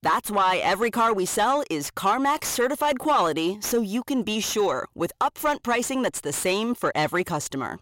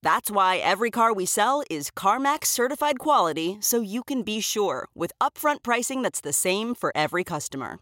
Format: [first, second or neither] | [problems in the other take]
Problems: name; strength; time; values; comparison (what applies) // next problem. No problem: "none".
second | distortion; slight; 10 dB below the speech